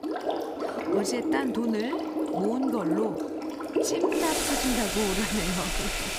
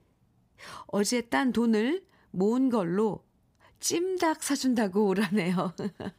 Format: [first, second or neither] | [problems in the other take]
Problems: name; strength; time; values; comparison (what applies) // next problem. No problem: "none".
second | household noises; very loud; throughout; 1 dB above the speech